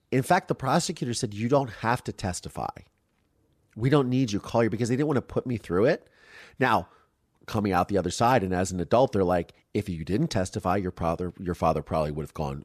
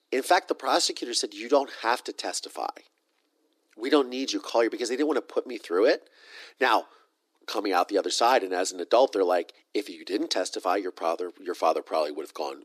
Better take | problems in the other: first | thin; somewhat; fading below 300 Hz

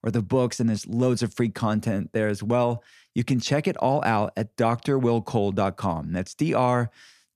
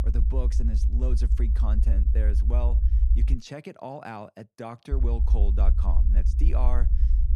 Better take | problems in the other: first | low rumble; loud; until 3.5 s and from 5 s on; 6 dB below the speech

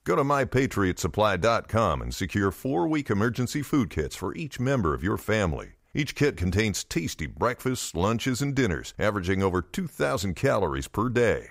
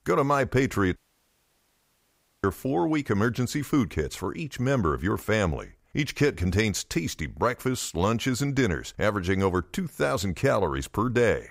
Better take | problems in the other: first | audio cutting out; at 1 s for 1.5 s

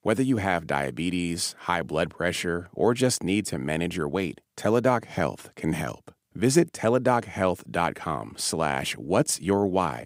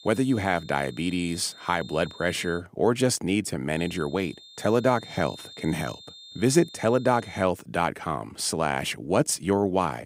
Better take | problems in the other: first | high-pitched whine; noticeable; until 2.5 s and from 4 to 7.5 s; 3.5 kHz, 20 dB below the speech

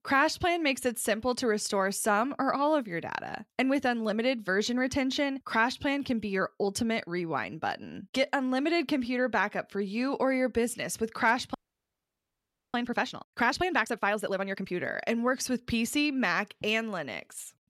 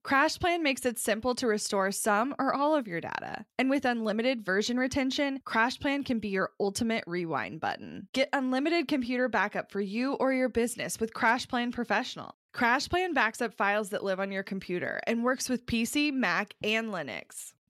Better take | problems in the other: second | audio freezing; at 12 s for 1 s

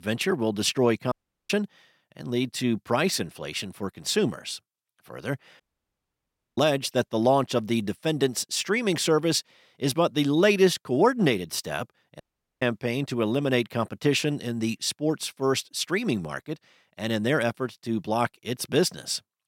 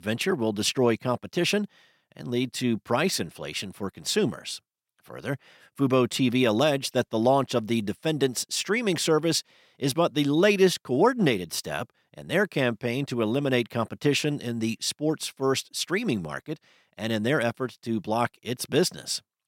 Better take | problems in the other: second | audio cutting out; at 1 s, at 5.5 s for 1 s and at 12 s

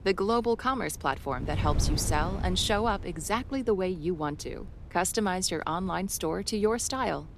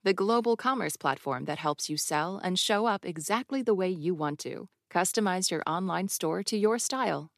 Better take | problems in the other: second | wind noise on the microphone; occasional gusts; 20 dB below the speech

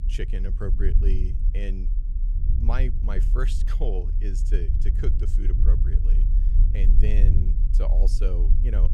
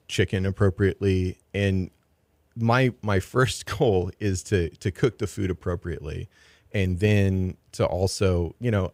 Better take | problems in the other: second | low rumble; loud; throughout; 6 dB below the speech

